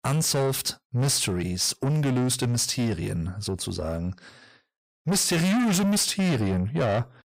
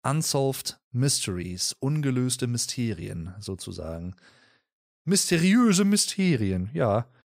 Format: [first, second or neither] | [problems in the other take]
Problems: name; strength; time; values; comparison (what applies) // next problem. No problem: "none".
second | distortion; heavy; 7 dB below the speech